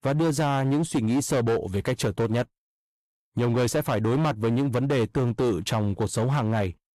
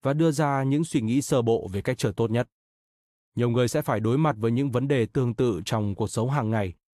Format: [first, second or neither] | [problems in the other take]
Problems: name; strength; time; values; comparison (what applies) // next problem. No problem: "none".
second | distortion; slight; 18% of the sound clipped